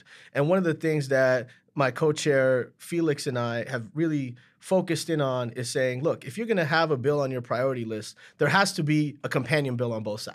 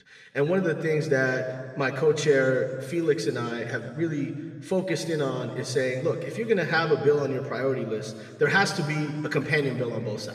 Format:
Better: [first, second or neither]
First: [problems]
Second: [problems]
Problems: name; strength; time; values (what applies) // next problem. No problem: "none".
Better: first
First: none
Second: room echo; slight; dies away in 2.1 s // off-mic speech; somewhat distant